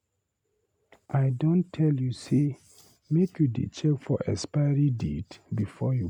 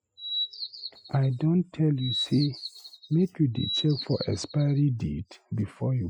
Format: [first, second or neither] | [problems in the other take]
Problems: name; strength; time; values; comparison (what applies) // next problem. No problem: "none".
first | noise reduction (classical method Wiener filter)